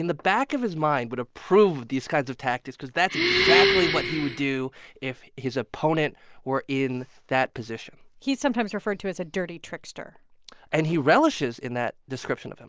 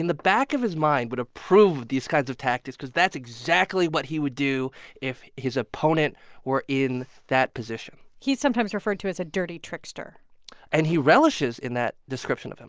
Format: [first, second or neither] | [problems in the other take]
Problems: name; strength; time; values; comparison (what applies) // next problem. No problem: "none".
second | background sound (Breathing); 2 dB above the speech